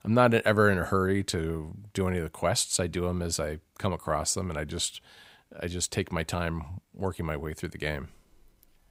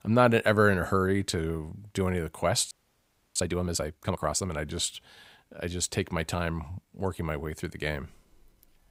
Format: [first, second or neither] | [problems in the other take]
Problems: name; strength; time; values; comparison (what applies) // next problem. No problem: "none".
first | audio freezing; at 2.5 s for 0.5 s